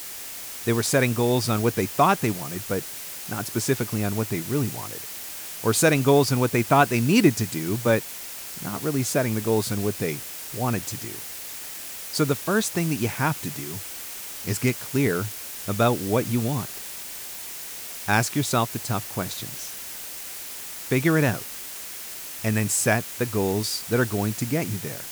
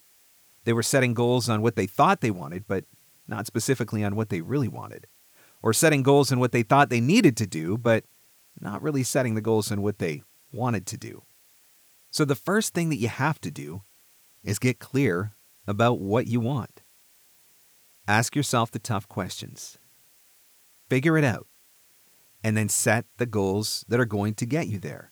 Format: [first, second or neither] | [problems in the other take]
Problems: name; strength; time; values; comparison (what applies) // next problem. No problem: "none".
second | hiss; loud; throughout; 8 dB below the speech; faint in the second